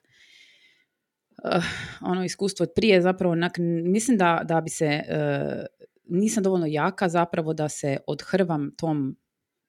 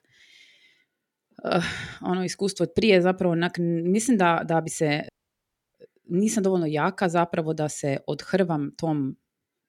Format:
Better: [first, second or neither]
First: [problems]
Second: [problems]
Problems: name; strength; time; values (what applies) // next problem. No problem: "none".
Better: first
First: none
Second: audio cutting out; at 5 s for 0.5 s